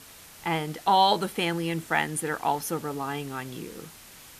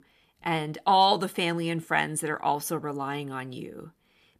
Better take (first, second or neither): second